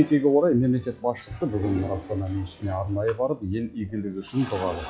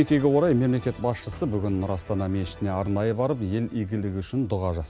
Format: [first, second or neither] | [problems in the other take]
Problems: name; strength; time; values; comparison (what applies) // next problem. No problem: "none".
second | noise reduction (classical method log-MMSE)